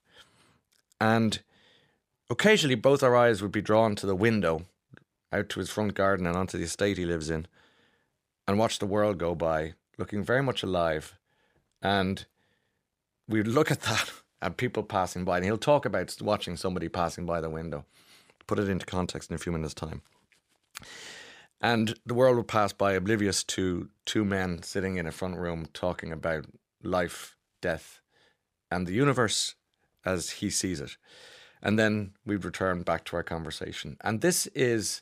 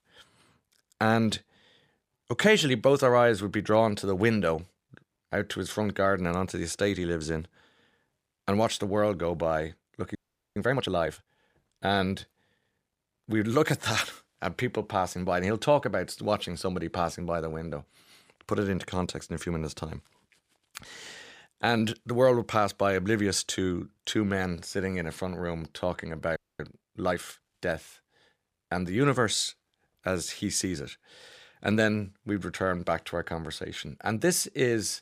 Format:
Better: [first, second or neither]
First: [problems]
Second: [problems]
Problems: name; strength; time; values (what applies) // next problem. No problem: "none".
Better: first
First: none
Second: audio freezing; at 10 s and at 26 s